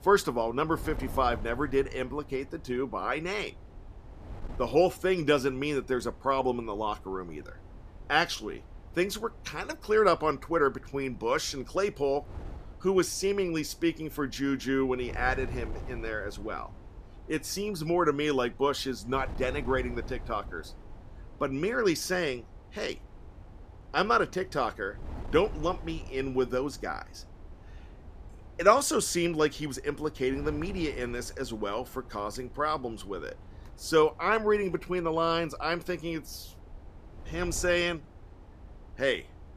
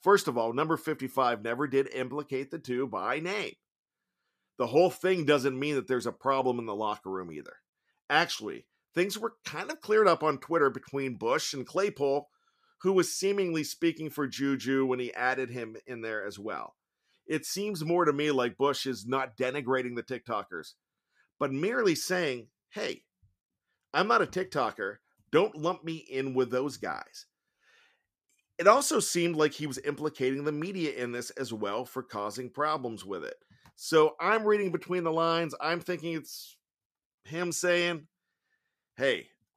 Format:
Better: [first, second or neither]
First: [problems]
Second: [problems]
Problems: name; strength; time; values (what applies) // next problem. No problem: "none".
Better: second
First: wind noise on the microphone; occasional gusts; 25 dB below the speech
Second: none